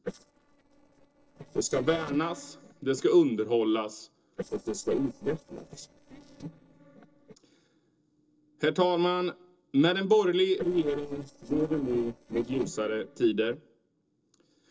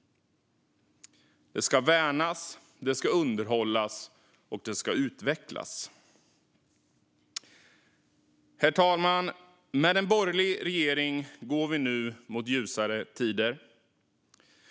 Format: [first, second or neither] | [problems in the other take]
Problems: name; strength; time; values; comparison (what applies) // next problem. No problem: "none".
second | noise reduction (neural separator model SepFormer DNS4)